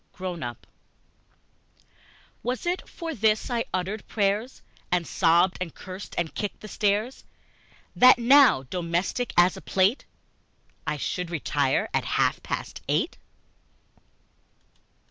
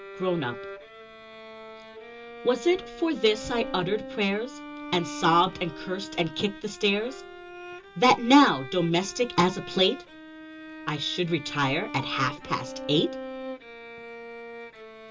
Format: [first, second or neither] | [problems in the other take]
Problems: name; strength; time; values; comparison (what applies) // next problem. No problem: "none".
first | background sound (Bowed string instrument); 13 dB below the speech // room echo; dies away in 0.2 s